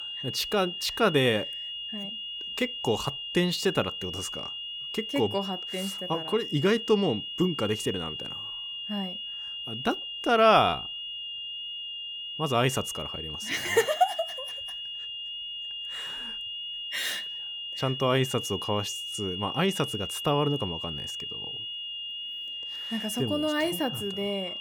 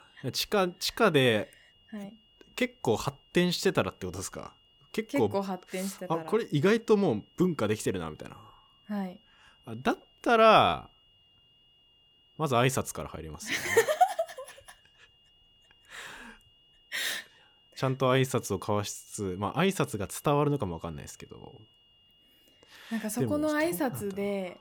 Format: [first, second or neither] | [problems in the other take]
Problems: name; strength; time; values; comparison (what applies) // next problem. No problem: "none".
second | high-pitched whine; loud; throughout; 3 kHz, 6 dB below the speech; faint in the second